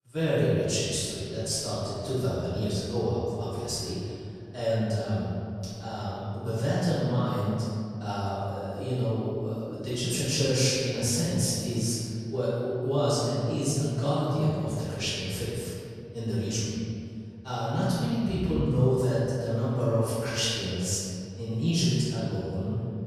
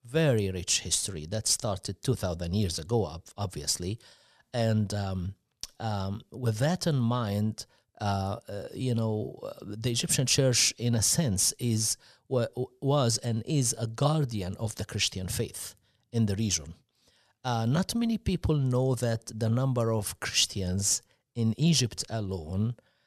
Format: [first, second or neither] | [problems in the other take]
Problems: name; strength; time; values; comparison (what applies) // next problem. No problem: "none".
second | off-mic speech; far // room echo; strong; dies away in 2.2 s